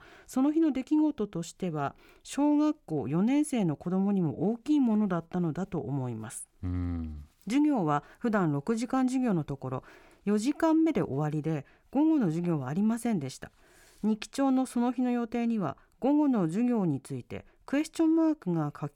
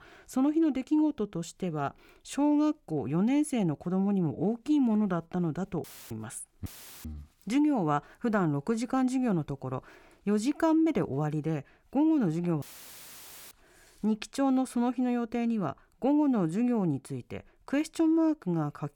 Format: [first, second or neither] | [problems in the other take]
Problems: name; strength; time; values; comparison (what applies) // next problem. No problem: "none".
first | audio cutting out; filled with static; at 6 s, at 6.5 s and at 13 s for 1 s